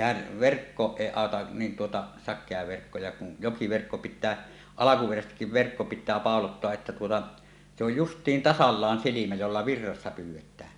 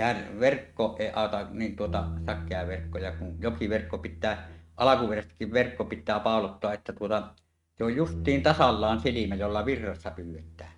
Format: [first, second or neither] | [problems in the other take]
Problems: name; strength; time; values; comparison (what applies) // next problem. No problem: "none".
first | noise reduction (neural mask model RNNoise)